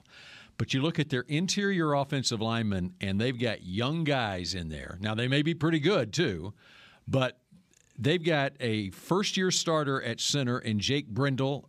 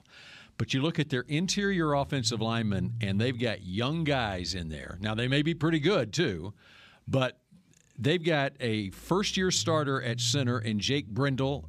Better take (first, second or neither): first